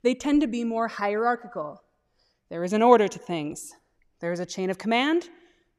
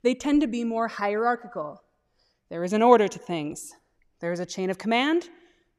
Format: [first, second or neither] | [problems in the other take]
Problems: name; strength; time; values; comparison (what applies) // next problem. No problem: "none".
neither | none